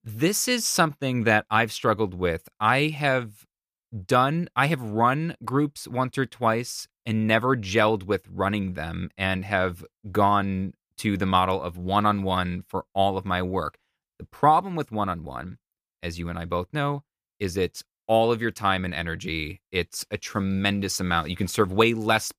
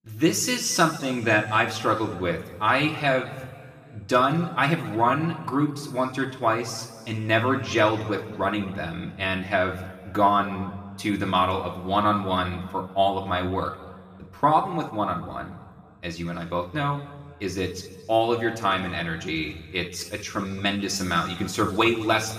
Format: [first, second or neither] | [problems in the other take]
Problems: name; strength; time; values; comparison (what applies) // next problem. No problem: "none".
first | room echo; noticeable; dies away in 1.9 s // off-mic speech; somewhat distant